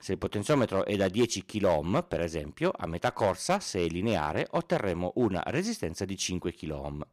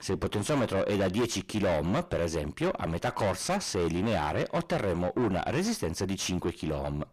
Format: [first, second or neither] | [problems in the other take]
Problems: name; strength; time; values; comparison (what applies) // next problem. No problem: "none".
first | distortion; heavy; 6 dB below the speech